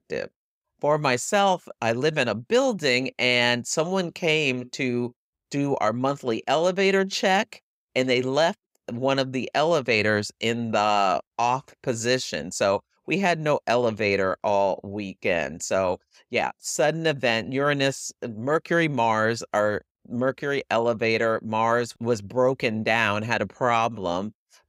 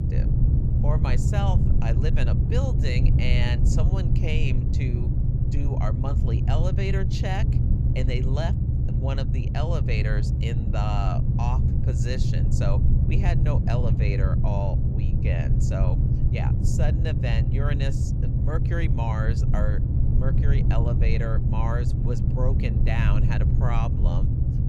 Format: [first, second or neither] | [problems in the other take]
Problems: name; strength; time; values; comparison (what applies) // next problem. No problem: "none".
first | low rumble; loud; throughout; 2 dB below the speech